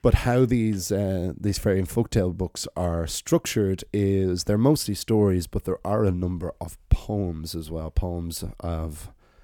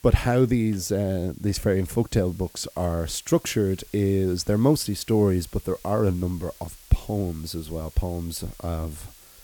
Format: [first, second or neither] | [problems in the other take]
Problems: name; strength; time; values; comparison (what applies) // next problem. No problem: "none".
first | hiss; faint; throughout; 25 dB below the speech